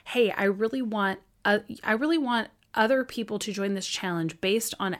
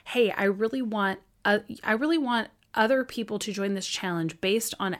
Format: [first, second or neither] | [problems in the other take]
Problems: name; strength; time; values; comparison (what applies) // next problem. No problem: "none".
neither | none